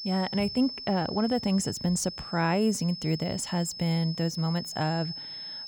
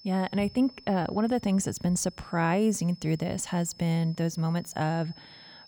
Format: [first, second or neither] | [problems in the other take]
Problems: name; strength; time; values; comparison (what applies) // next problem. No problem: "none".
second | high-pitched whine; loud; throughout; 5 kHz, 9 dB below the speech; faint in the second